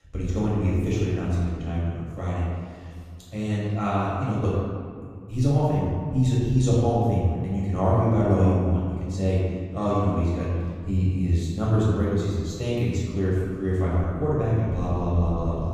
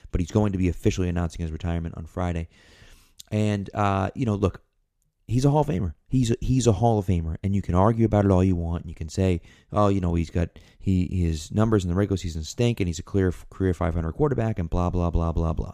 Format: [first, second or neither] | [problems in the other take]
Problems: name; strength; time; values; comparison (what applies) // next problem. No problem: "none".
second | room echo; strong; dies away in 1.8 s // off-mic speech; far